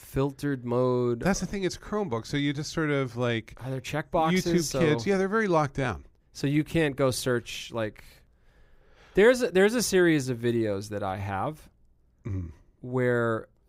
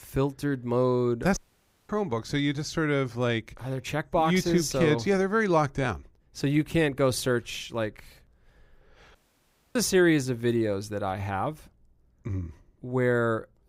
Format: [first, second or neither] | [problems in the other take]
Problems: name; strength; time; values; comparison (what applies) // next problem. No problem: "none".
first | audio cutting out; at 1.5 s for 0.5 s and at 9 s for 0.5 s